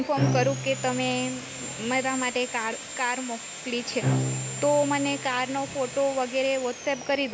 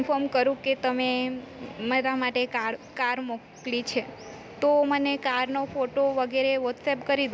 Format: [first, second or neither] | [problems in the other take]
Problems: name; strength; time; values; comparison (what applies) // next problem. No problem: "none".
second | background sound (Bowed string instrument + Sawing); 5 dB below the speech